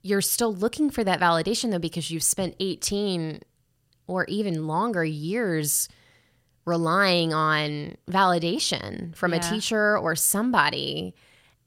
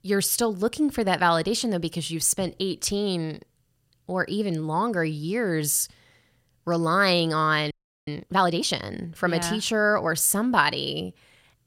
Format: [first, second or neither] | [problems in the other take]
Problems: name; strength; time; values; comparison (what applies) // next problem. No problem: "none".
first | audio freezing; at 7.5 s